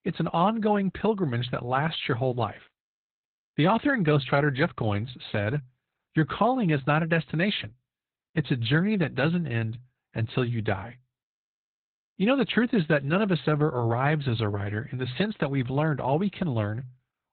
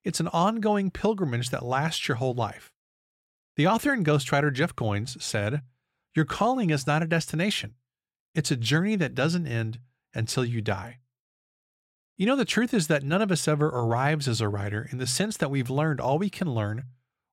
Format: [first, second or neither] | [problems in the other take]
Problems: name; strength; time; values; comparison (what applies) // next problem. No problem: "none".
second | garbled, watery; badly; nothing above 4 kHz